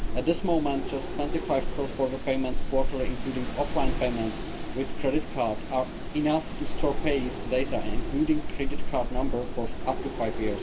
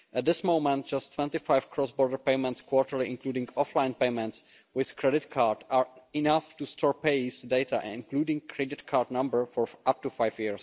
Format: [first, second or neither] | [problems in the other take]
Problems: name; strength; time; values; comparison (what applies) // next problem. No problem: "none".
second | background sound (Wind); 1 dB above the speech // room echo; dies away in 0.2 s